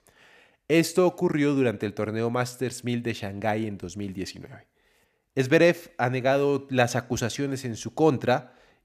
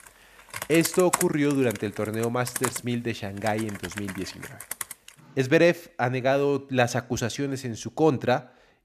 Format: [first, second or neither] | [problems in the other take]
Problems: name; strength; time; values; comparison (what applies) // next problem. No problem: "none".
first | household noises; loud; until 5 s; 8 dB below the speech